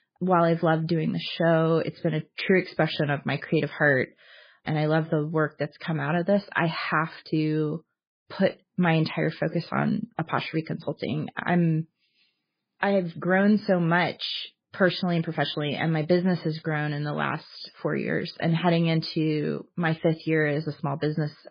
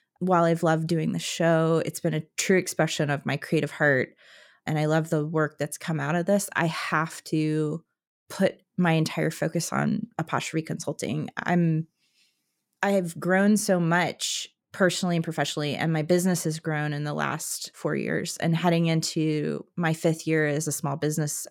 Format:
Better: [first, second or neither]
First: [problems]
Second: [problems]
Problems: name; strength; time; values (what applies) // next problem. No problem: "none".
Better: second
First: garbled, watery; badly; nothing above 5 kHz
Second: none